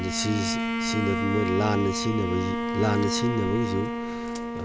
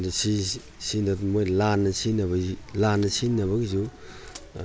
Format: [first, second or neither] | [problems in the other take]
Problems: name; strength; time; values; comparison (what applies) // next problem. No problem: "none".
second | background sound (Bowed string instrument); 1 dB below the speech